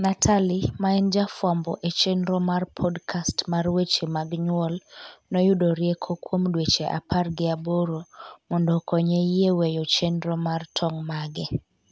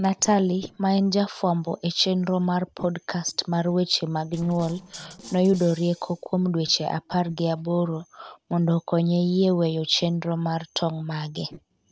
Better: first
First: none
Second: noise reduction (neural separator model SepFormer DNS4)

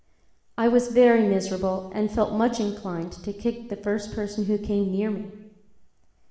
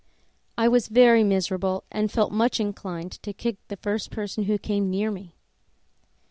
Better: second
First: room echo; dies away in 1 s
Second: none

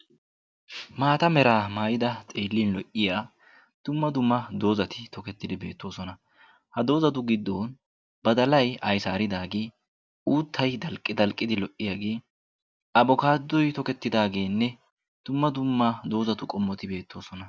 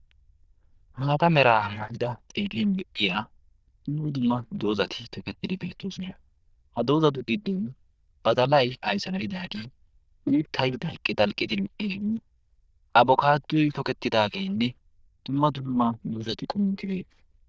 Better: first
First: none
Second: noise reduction (neural diffusion model UNIVERSE++)

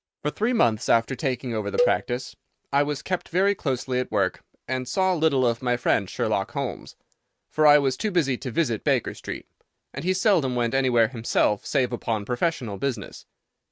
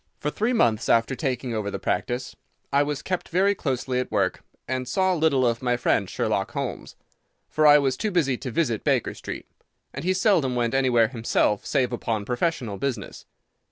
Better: second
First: noise reduction (neural mask model RNNoise)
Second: none

